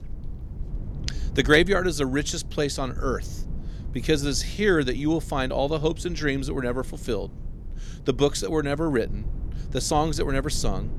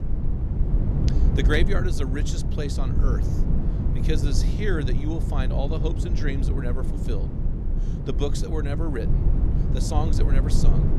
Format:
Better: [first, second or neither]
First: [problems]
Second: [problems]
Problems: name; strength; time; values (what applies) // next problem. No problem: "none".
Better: first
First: low rumble; faint; throughout; 25 dB below the speech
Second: low rumble; loud; throughout; 5 dB below the speech